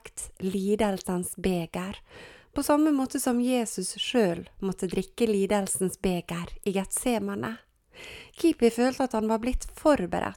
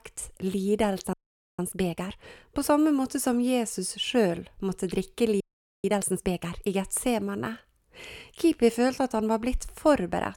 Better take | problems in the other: first | audio freezing; at 1 s and at 5.5 s

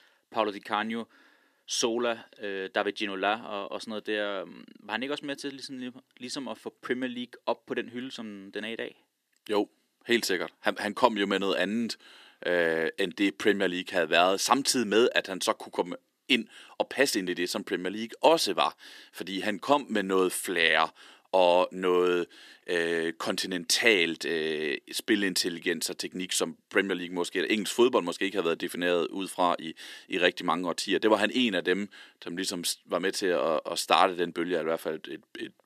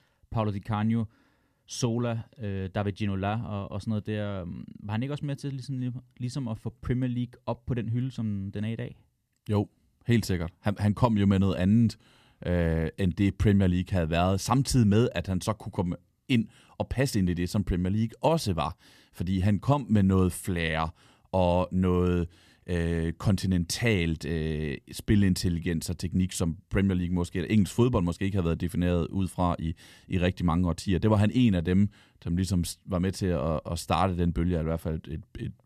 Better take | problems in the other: second | thin; somewhat; fading below 300 Hz

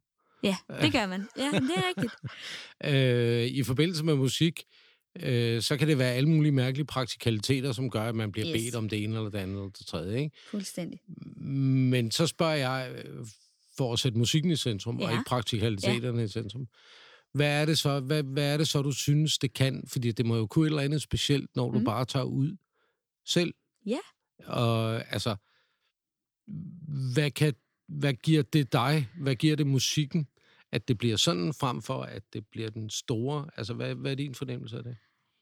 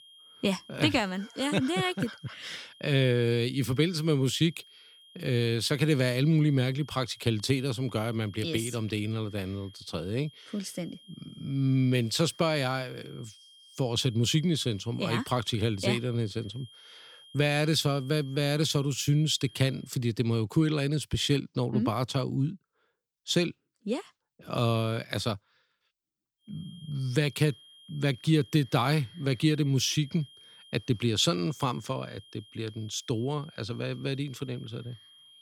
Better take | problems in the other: first | high-pitched whine; faint; until 20 s and from 27 s on; 3 kHz, 25 dB below the speech

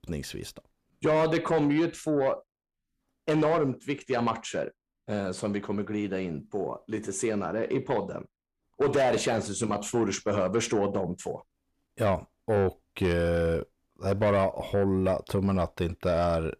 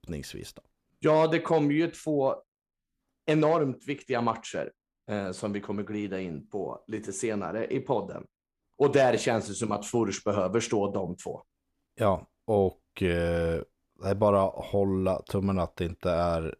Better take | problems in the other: second | distortion; slight; 10 dB below the speech

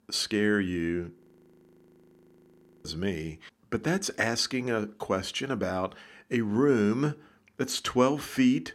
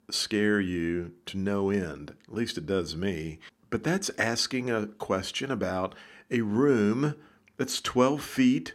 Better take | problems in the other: second | audio freezing; at 1 s for 1.5 s

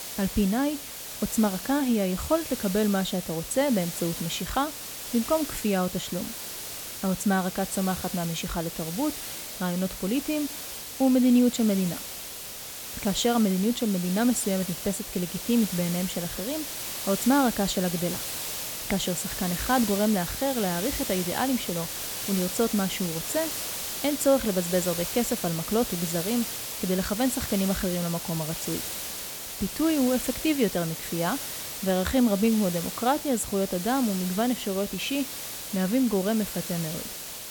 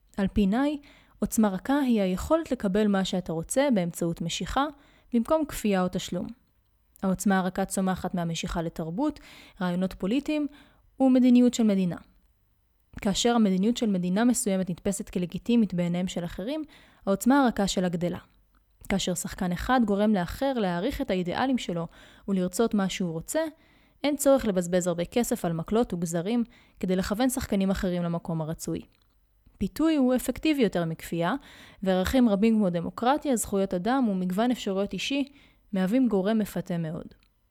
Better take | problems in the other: second | hiss; loud; throughout; 6 dB below the speech

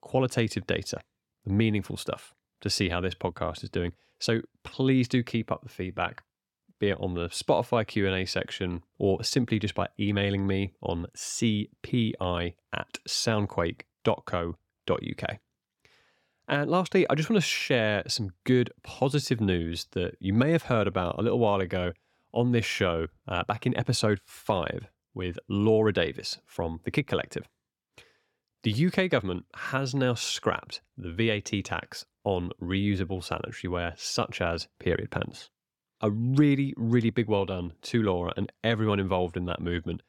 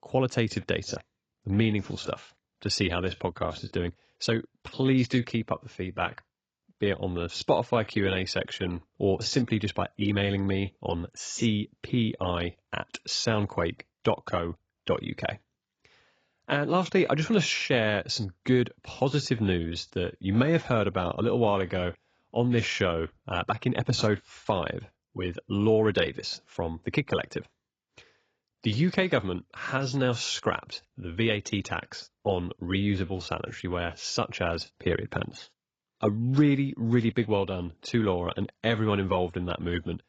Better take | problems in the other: first | garbled, watery; badly; nothing above 7.5 kHz

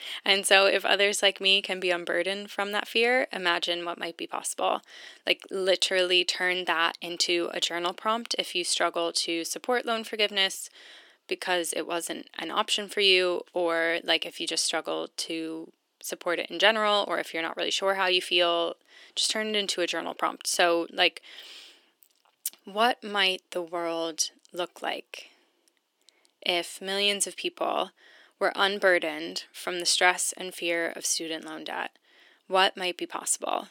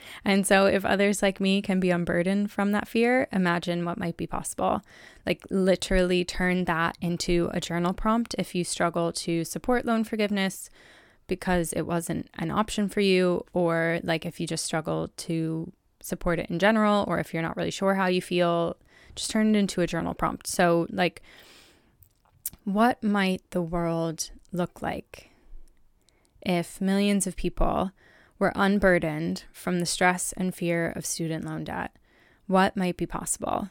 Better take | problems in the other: second | thin; very; fading below 300 Hz

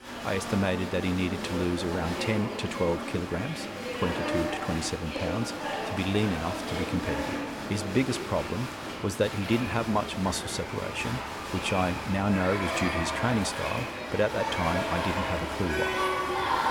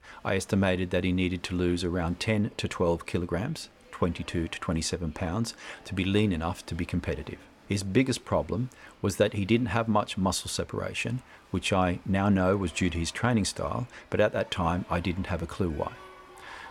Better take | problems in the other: second | crowd noise; loud; throughout; 2 dB below the speech; faint in the second

